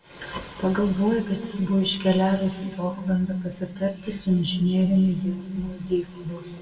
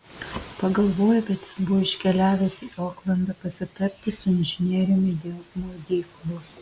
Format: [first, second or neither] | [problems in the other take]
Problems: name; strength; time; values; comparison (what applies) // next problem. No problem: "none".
second | room echo; dies away in 1.9 s